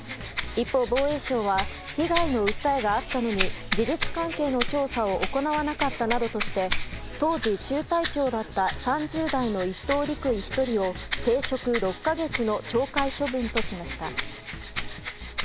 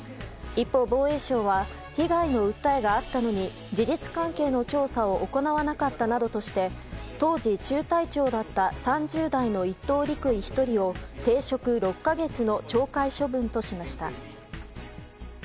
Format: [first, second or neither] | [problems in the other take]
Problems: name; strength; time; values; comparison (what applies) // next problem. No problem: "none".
second | background sound (Rattle (instrument)); 6 dB below the speech